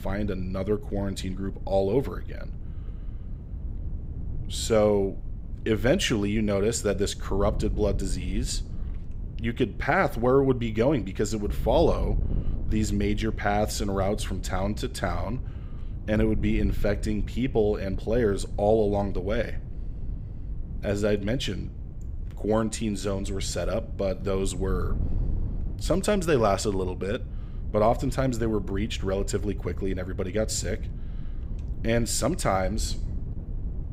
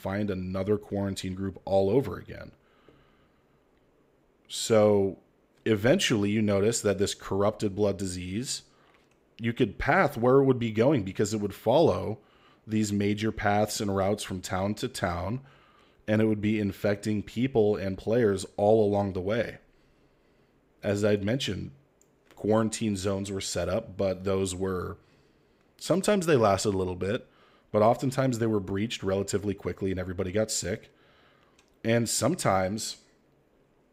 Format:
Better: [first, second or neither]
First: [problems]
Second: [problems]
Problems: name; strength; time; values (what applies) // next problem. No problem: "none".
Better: second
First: wind noise on the microphone; occasional gusts; 20 dB below the speech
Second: none